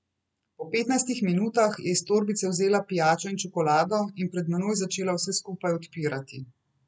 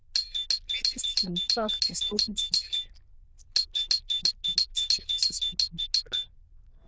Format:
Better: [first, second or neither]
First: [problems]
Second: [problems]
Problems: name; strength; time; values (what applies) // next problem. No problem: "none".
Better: first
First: none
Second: noise reduction (neural diffusion model UNIVERSE++)